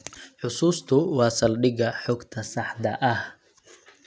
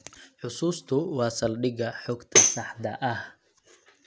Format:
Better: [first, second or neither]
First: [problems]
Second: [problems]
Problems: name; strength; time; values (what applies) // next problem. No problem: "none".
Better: first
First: none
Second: background sound (Tambourine); 5 dB above the speech